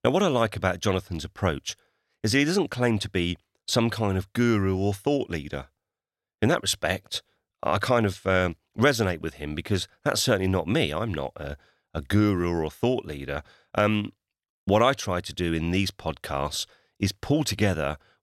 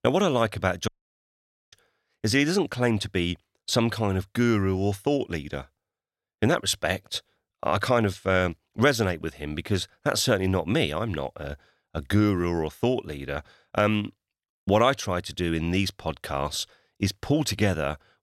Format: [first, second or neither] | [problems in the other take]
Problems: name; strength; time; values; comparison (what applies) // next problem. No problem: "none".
first | audio cutting out; at 1 s for 1 s